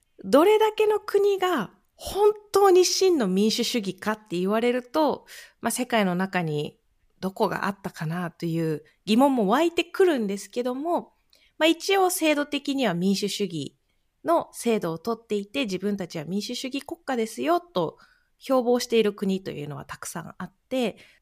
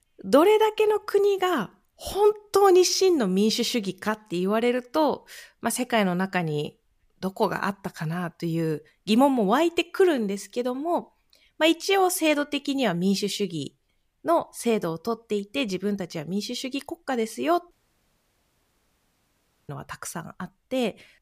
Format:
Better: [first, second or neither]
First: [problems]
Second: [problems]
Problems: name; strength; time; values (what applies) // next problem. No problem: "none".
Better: first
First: none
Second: audio cutting out; at 18 s for 2 s